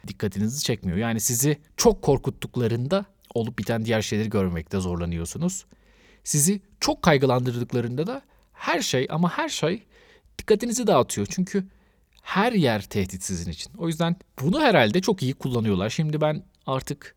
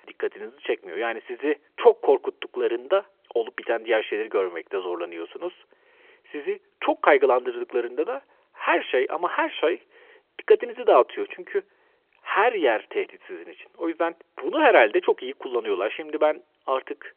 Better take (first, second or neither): first